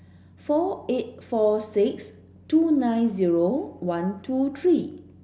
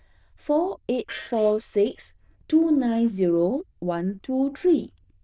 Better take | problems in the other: first | noise reduction (neural diffusion model UNIVERSE++)

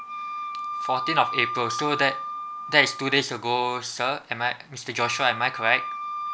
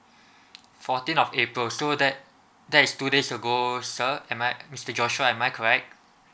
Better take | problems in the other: second | background sound (Wind instrument, woodwind instrument); 7 dB below the speech

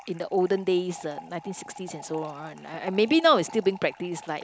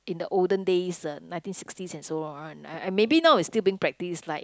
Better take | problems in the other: second | background sound (Fill (with liquid) / Trickle, dribble); 18 dB below the speech

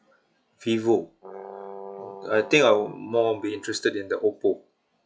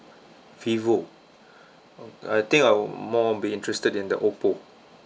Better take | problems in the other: second | noise reduction (classical method log-MMSE)

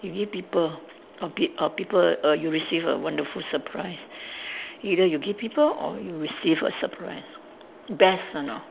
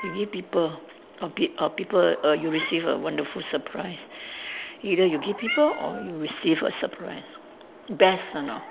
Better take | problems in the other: first | background sound (Meow); 15 dB below the speech

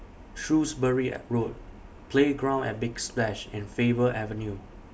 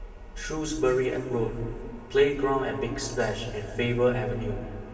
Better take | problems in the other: first | room echo; dies away in 2.7 s

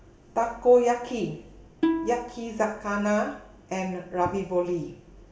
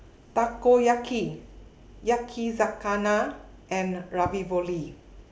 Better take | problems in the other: second | background sound (Plucked string instrument); 3 dB below the speech // room echo; dies away in 0.9 s

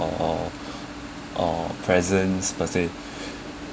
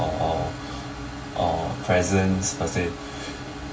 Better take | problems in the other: first | background sound (Alarm / Ocean / Boat, Water vehicle); 16 dB below the speech // room echo; dies away in 0.2 s

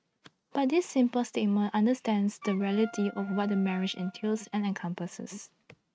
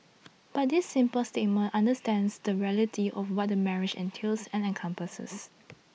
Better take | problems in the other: second | noise reduction (neural mask model RNNoise)

